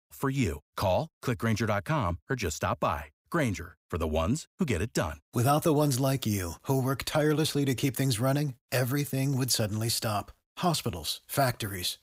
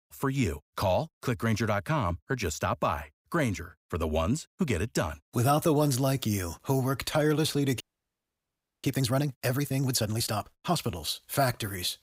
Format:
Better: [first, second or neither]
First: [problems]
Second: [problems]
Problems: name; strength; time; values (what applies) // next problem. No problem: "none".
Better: first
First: none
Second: audio freezing; at 8 s for 1 s